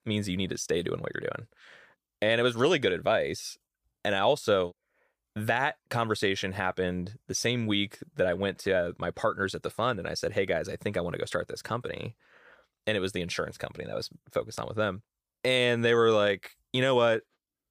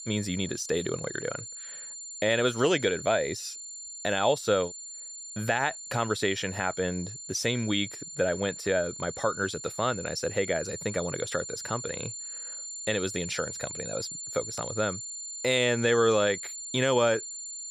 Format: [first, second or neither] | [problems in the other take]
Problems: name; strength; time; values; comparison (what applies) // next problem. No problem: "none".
first | high-pitched whine; loud; throughout; 7 kHz, 8 dB below the speech